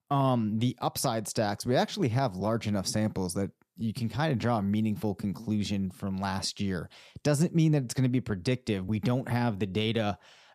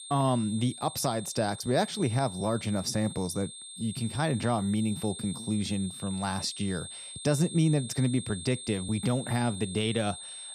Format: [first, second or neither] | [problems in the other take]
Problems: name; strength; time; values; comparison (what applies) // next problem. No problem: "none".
first | high-pitched whine; noticeable; throughout; 8.5 kHz, 10 dB below the speech